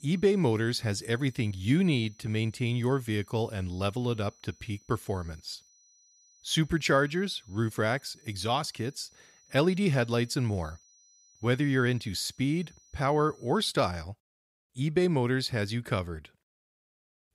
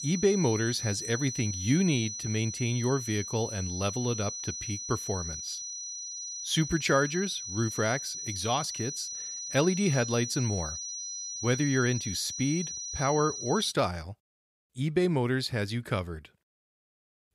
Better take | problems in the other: first | high-pitched whine; loud; until 14 s; 6 kHz, 6 dB below the speech; faint in the first

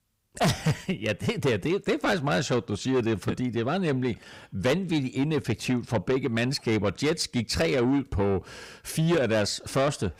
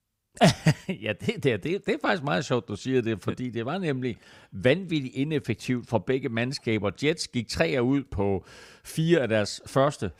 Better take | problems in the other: second | distortion; heavy; 7 dB below the speech

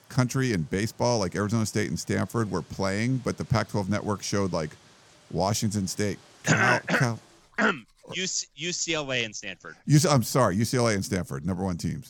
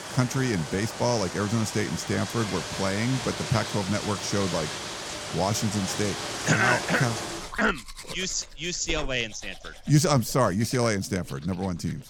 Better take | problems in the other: first | household noises; loud; throughout; 7 dB below the speech; faint in the first

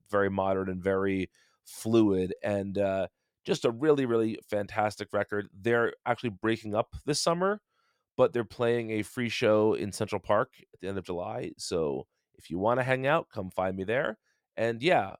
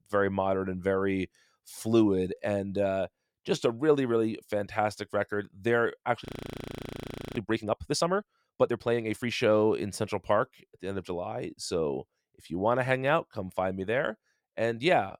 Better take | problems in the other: first | audio freezing; at 6.5 s for 1 s

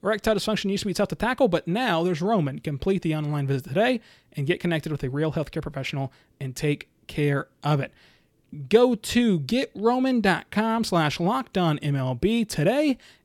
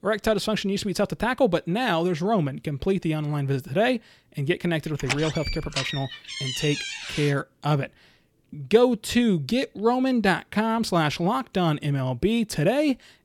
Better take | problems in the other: first | door banging; noticeable; from 5 to 7.5 s; peak 4 dB below the speech

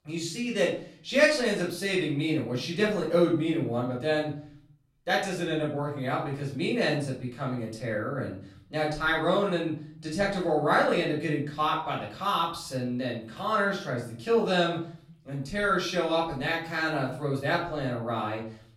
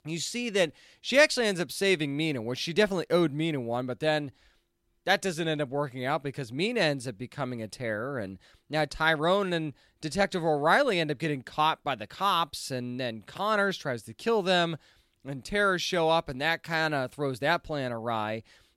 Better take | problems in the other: second | off-mic speech; far // room echo; noticeable; dies away in 0.4 s

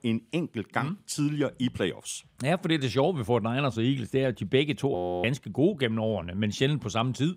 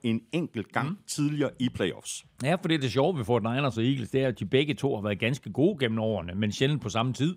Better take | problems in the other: second | audio freezing; at 5 s

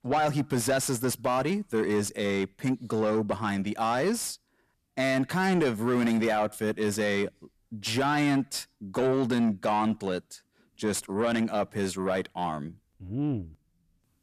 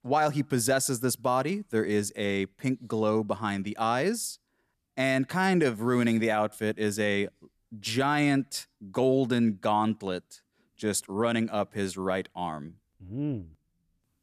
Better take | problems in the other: second | distortion; slight; 10 dB below the speech

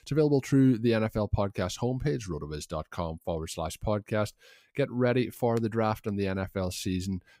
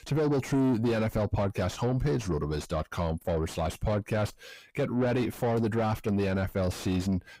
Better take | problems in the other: first | distortion; heavy; 6 dB below the speech

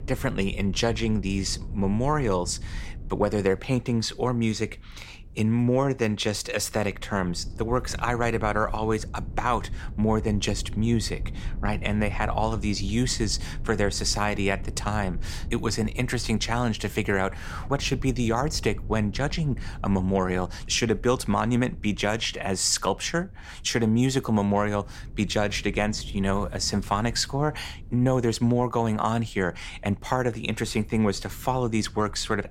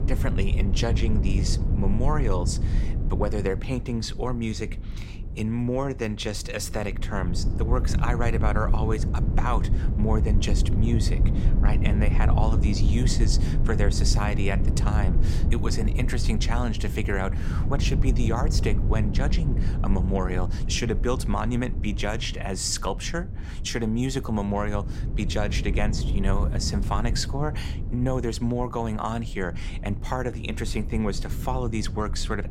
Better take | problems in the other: first | low rumble; loud; throughout; 9 dB below the speech; faint in the first

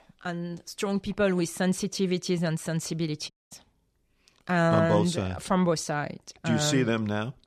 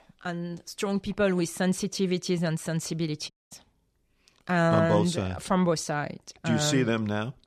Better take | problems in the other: neither | audio cutting out; at 3.5 s; the same in both

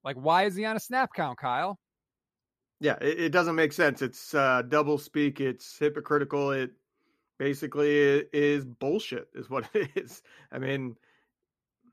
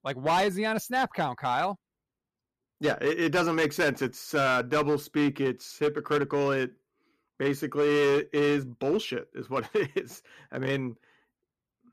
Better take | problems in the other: first | distortion; slight; 7% of the sound clipped

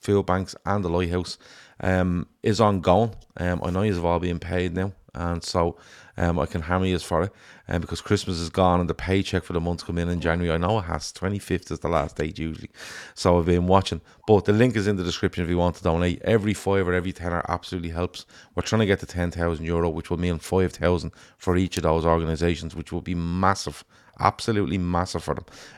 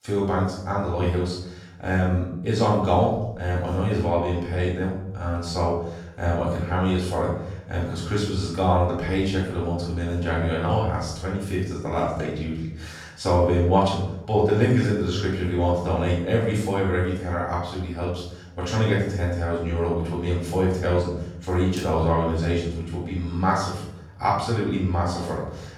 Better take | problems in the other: first | off-mic speech; far // room echo; noticeable; dies away in 0.8 s

